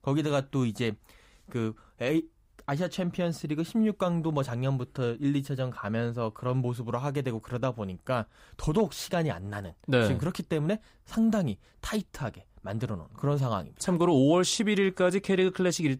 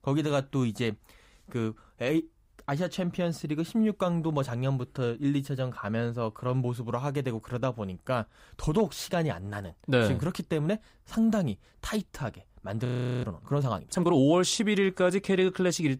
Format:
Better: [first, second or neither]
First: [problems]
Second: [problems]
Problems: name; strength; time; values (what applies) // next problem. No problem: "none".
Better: first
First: none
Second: audio freezing; at 13 s